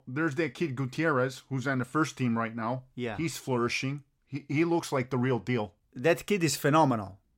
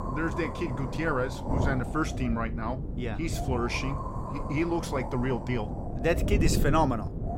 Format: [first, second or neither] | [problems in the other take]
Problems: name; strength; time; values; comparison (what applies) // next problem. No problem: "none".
first | wind noise on the microphone; heavy; 7 dB below the speech